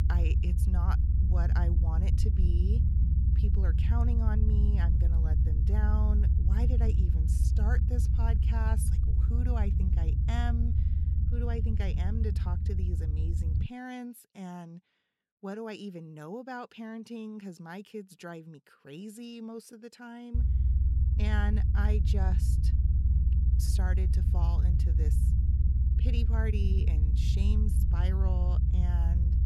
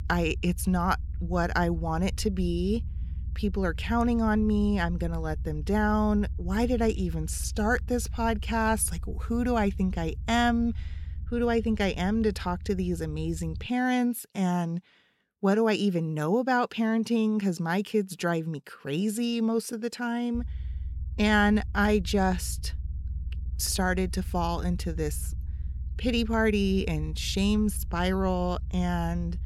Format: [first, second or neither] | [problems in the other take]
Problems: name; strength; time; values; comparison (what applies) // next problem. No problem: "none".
second | low rumble; loud; until 14 s and from 20 s on; 2 dB below the speech; faint in the second